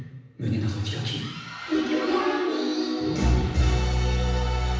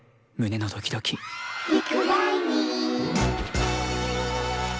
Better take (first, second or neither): second